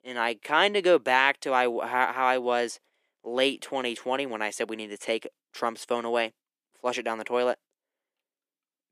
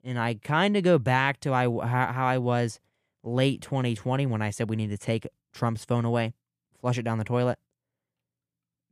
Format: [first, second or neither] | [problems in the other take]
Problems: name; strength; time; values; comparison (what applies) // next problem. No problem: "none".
second | thin; very; fading below 300 Hz